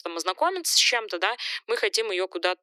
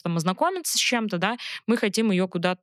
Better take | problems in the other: second | thin; very; fading below 300 Hz

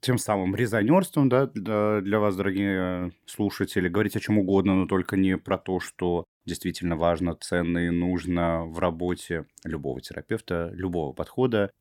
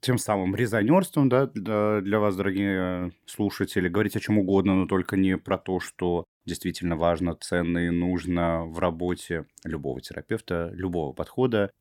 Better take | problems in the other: neither | none

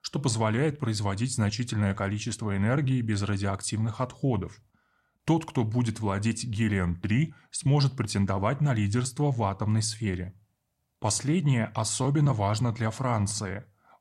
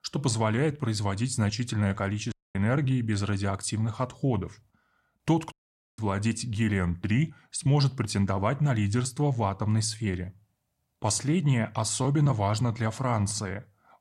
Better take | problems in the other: first | audio cutting out; at 2.5 s and at 5.5 s

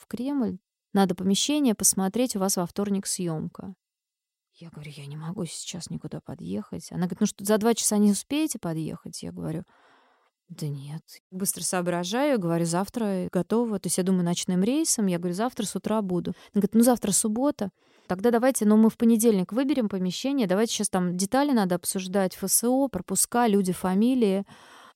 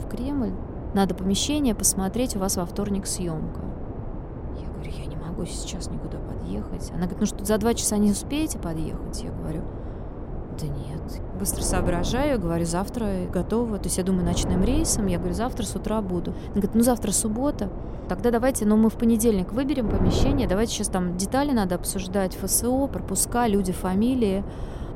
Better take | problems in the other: first | wind noise on the microphone; occasional gusts; 10 dB below the speech

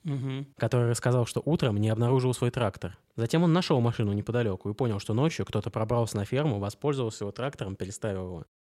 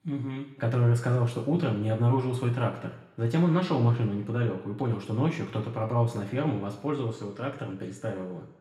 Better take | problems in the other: first | room echo; slight; dies away in 1 s // off-mic speech; far

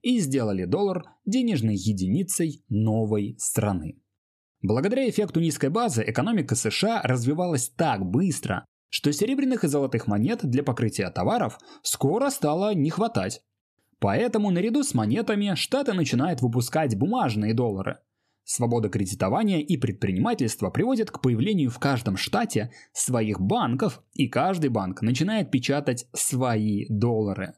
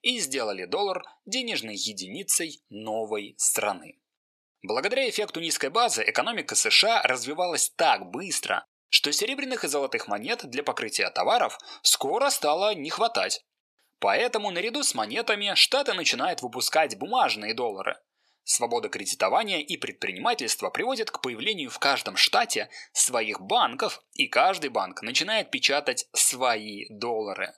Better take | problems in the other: first | thin; very; fading below 700 Hz

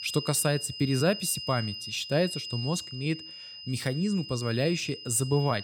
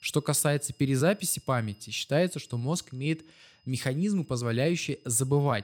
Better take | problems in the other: second | high-pitched whine; loud; throughout; 5 kHz, 9 dB below the speech; faint in the second

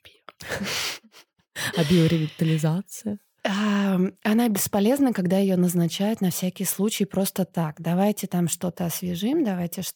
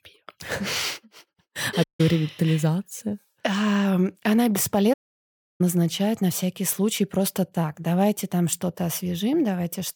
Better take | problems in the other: first | audio cutting out; at 2 s and at 5 s for 0.5 s

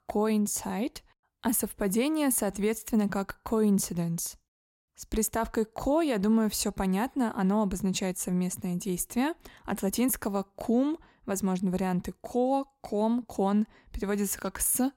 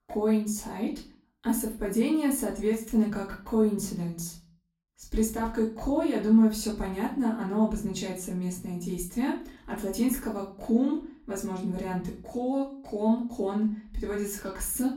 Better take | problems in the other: first | off-mic speech; far // room echo; slight; dies away in 0.4 s

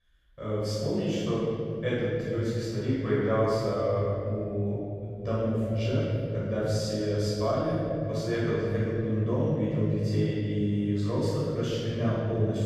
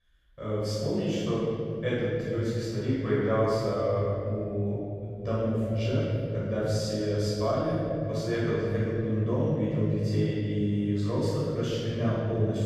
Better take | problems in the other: neither | room echo; strong; dies away in 3 s; the same in both // off-mic speech; far; the same in both

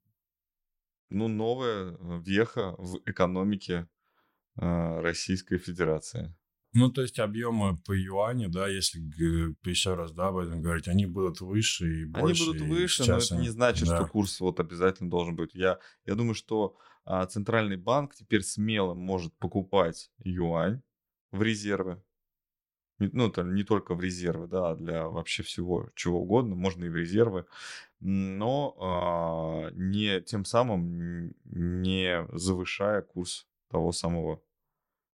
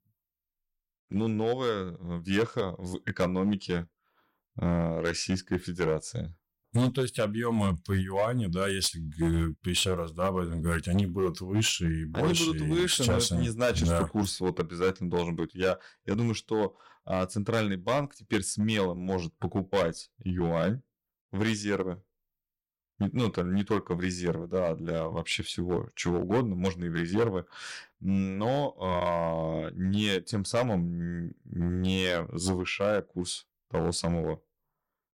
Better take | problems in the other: first | distortion; slight; 5% of the sound clipped

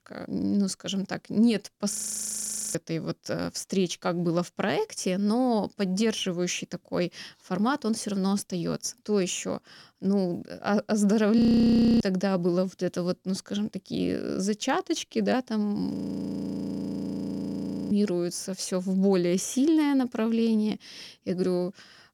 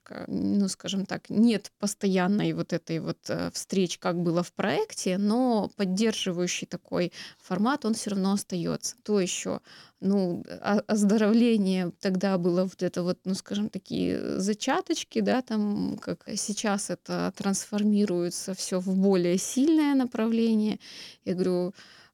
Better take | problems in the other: second | audio freezing; at 2 s for 1 s, at 11 s for 0.5 s and at 16 s for 2 s

